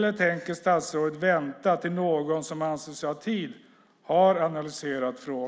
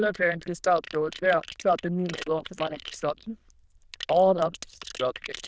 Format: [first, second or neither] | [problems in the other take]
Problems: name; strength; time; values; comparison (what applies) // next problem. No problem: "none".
first | noise reduction (neural diffusion model UNIVERSE++)